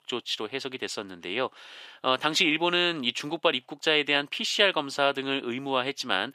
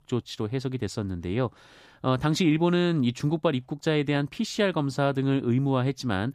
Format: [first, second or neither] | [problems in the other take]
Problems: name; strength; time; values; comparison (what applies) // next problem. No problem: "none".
second | thin; somewhat; fading below 450 Hz